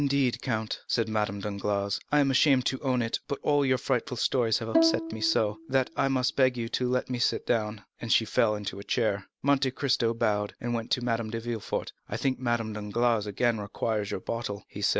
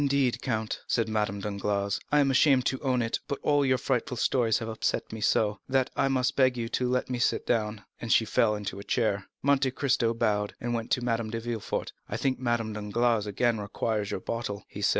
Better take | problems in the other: second | background sound (Bowed string instrument); 4 dB below the speech

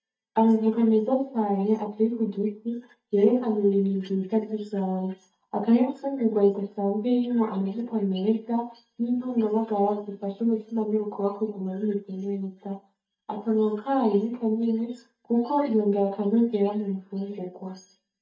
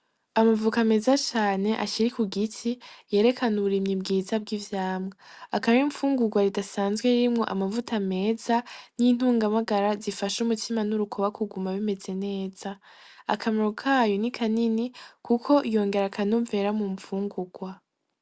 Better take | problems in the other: second | noise reduction (neural mask model DeepFilterNet 3)

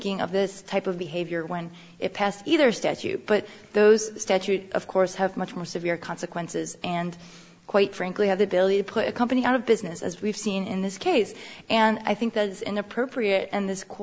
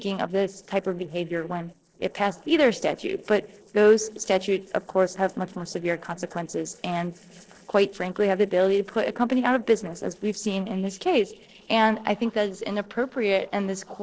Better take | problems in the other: first | noise reduction (neural separator model SepFormer DNS4)

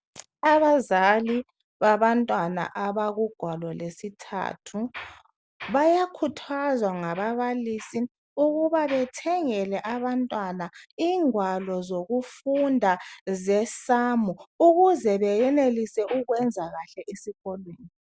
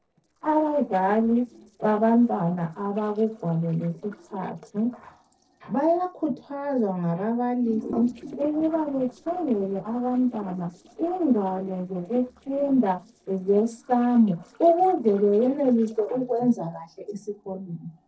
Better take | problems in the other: first | noise reduction (neural separator model SepFormer DNS4)

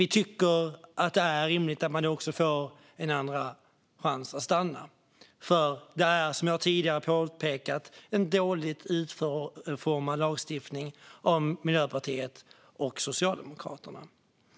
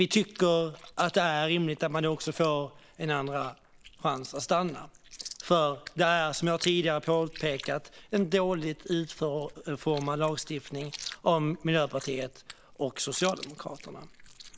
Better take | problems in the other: first | noise reduction (neural mask model Resemble Enhance denoiser)

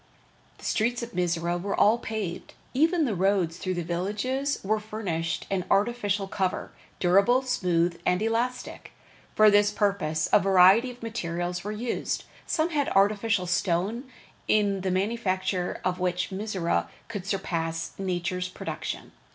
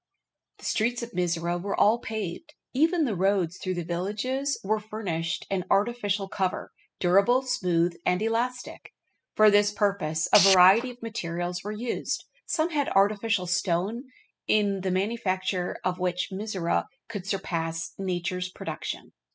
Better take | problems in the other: first | noise reduction (classical method spectral subtraction)

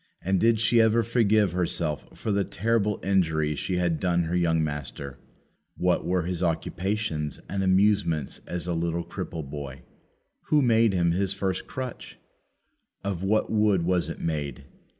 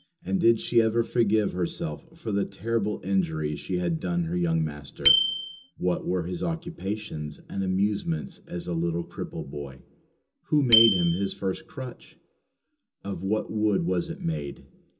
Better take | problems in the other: first | background sound (Bicycle bell); 7 dB below the speech // room echo; dies away in 0.2 s

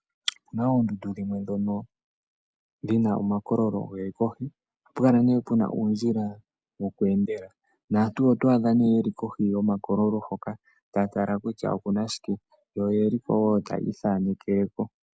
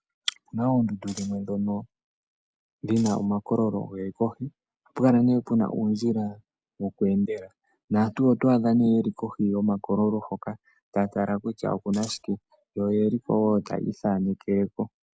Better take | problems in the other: first | background sound (Scissors); 16 dB below the speech

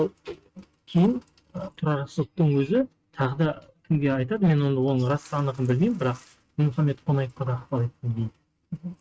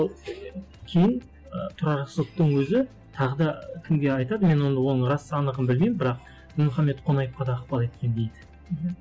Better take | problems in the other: second | noise reduction (neural mask model RNNoise)

